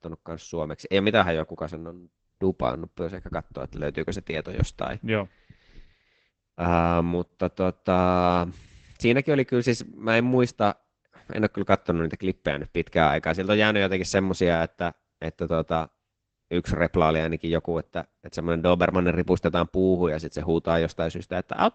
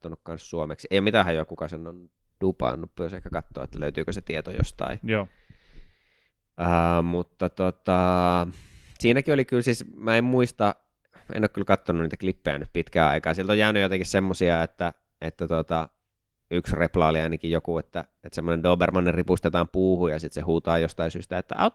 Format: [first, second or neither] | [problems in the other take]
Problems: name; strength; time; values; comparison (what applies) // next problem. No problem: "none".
second | garbled, watery; badly; nothing above 8 kHz; slightly in the second